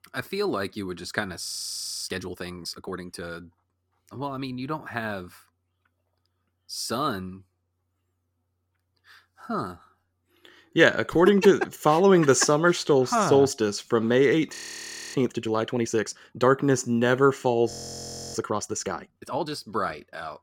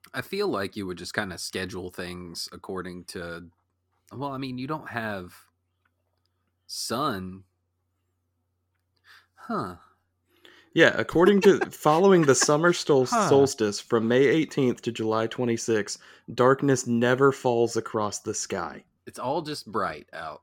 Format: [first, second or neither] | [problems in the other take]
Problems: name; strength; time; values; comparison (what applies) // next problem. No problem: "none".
second | audio freezing; at 1.5 s for 0.5 s, at 15 s for 0.5 s and at 18 s for 0.5 s